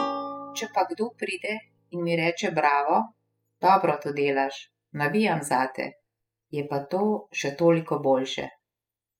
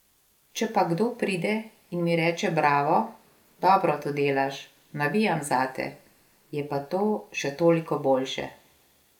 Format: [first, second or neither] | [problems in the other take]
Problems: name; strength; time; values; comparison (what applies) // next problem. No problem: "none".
second | noise reduction (classical method spectral subtraction)